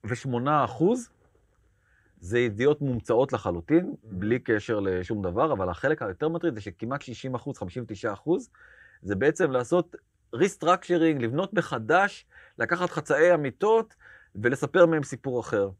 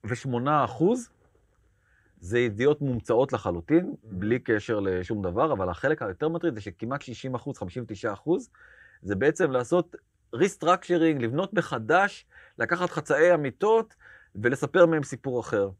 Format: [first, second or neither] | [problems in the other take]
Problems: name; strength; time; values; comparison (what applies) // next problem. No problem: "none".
neither | none